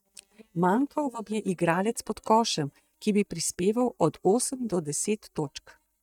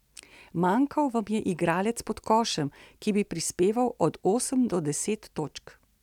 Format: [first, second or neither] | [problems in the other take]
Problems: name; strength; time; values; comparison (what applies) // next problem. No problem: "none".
second | noise reduction (neural mask model DeepFilterNet 3)